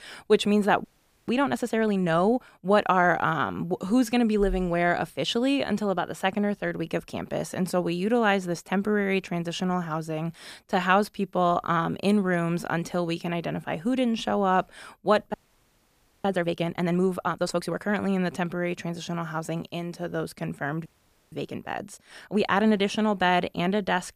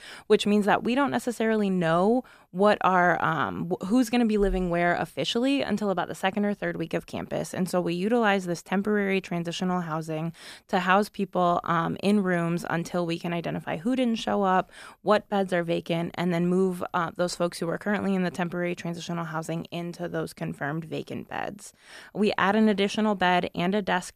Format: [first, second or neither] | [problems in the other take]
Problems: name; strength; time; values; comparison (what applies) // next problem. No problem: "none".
second | audio freezing; at 1 s, at 15 s for 1 s and at 21 s